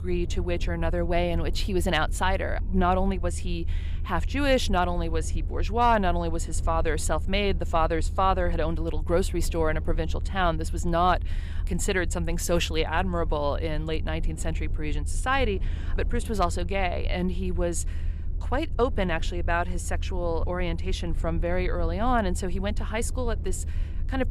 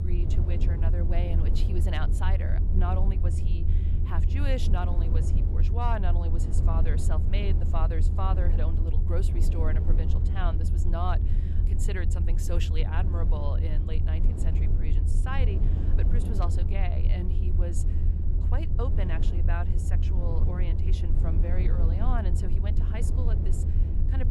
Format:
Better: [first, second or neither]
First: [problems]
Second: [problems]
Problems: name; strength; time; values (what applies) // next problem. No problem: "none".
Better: first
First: low rumble; faint; throughout; 20 dB below the speech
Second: low rumble; loud; throughout; 4 dB below the speech